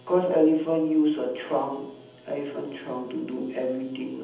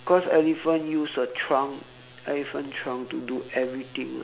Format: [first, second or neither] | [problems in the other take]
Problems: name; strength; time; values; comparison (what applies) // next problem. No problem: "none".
second | room echo; dies away in 0.8 s